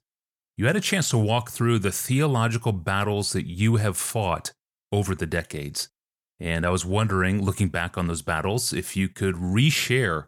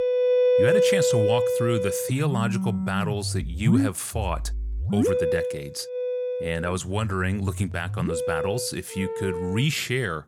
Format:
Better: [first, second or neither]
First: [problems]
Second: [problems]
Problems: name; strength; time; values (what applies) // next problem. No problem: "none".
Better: first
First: none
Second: background music; very loud; throughout; 2 dB above the speech